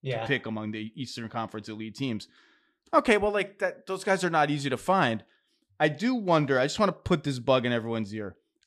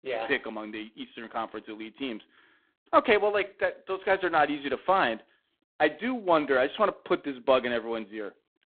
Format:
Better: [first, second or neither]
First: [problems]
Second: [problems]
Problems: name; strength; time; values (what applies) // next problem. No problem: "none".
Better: first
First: none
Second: phone-call audio; poor line